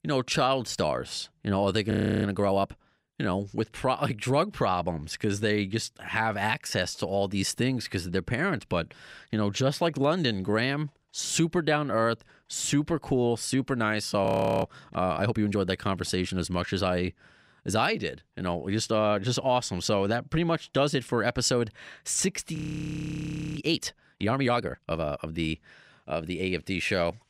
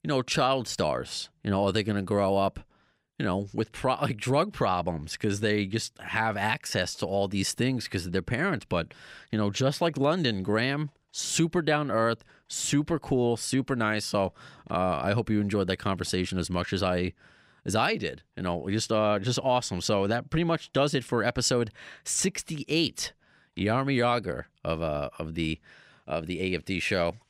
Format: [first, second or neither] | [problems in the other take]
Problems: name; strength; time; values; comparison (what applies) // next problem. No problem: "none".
second | audio freezing; at 2 s, at 14 s and at 23 s for 1 s